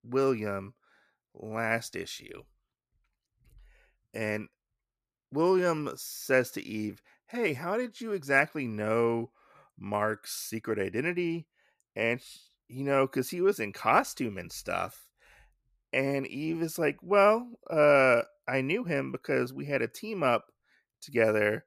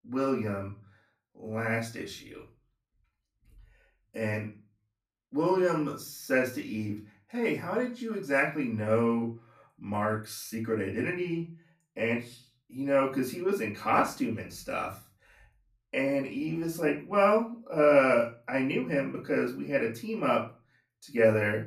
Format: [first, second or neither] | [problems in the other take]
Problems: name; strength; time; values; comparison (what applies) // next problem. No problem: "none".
first | off-mic speech; far // room echo; slight; dies away in 0.3 s